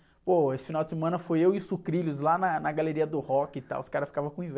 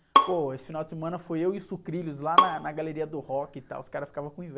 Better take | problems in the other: first | background sound (Bowed string instrument); 3 dB above the speech

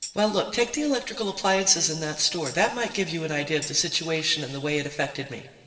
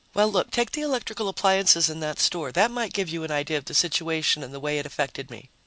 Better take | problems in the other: second | noise reduction (neural separator model SepFormer DNS4)

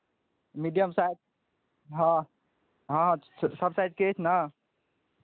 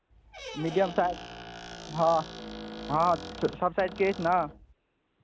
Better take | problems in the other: first | background sound (Squeak); 13 dB below the speech

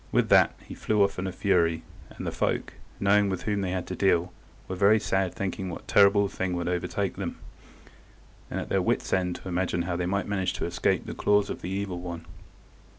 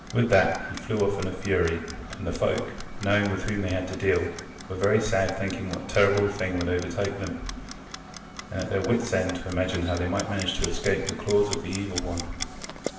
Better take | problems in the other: first | background sound (Clock); 13 dB below the speech // room echo; dies away in 1 s

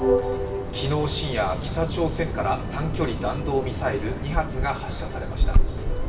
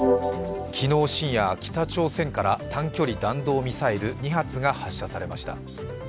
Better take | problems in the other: second | background sound (Bird vocalization, bird call, bird song); 1 dB above the speech // room echo; dies away in 2.8 s

